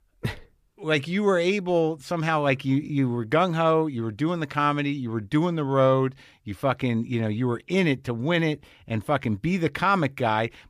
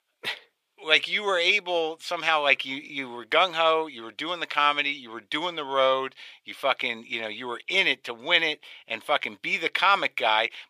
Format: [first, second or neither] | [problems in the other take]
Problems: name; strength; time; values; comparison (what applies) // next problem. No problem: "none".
first | thin; very; fading below 650 Hz